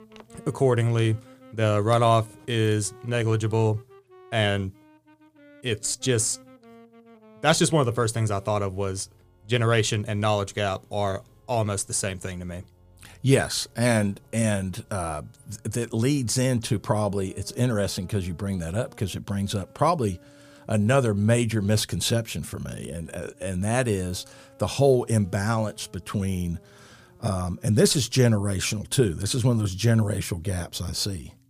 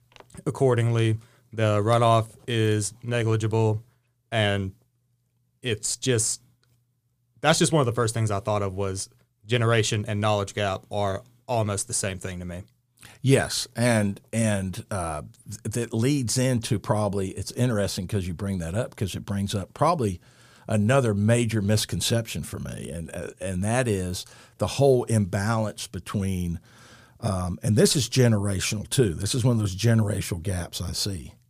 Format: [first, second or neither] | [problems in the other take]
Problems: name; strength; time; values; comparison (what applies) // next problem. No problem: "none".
second | background music; faint; throughout; 30 dB below the speech